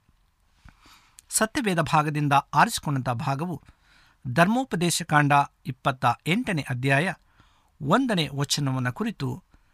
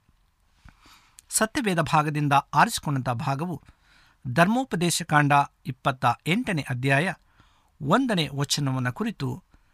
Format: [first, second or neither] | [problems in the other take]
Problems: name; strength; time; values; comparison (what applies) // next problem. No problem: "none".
neither | none